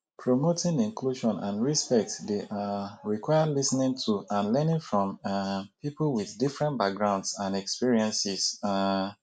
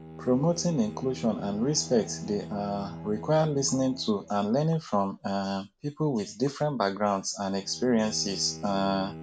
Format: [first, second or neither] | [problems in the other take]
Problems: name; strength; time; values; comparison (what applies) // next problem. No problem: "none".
first | background sound (Bowed string instrument); 15 dB below the speech